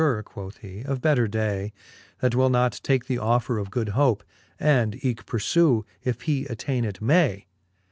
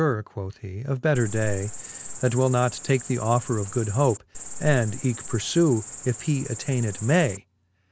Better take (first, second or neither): first